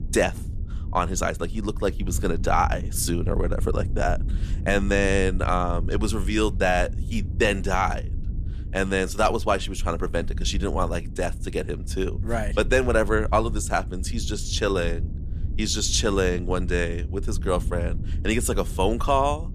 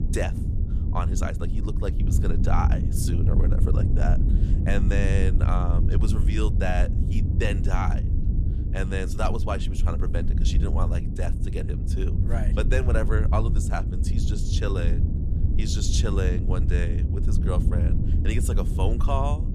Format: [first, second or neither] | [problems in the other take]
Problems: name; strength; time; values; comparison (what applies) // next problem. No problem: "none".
first | low rumble; loud; throughout; 6 dB below the speech; faint in the first